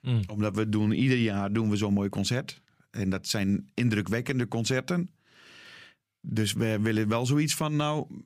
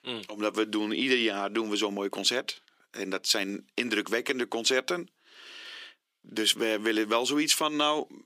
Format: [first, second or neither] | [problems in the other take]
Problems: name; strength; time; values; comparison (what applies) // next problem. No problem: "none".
first | thin; somewhat; fading below 350 Hz